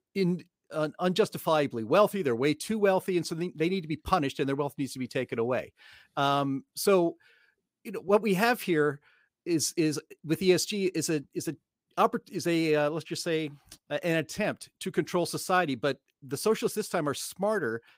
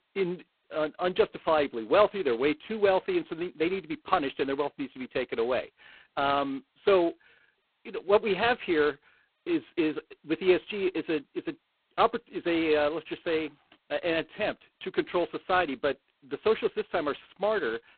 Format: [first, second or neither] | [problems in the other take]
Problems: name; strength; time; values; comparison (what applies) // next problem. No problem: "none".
first | phone-call audio; poor line; nothing above 4 kHz